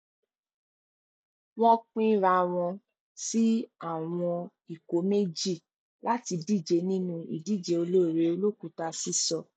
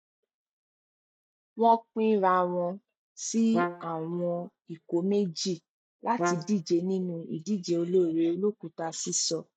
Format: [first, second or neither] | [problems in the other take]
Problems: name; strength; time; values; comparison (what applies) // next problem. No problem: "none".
first | noise reduction (neural mask model RNNoise)